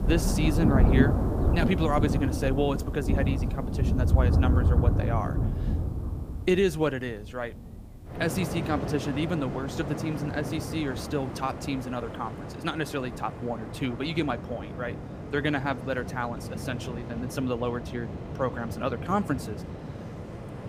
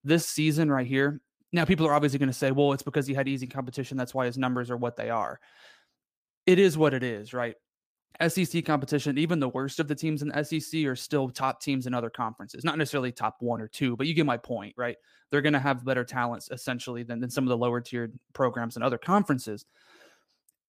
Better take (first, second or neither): second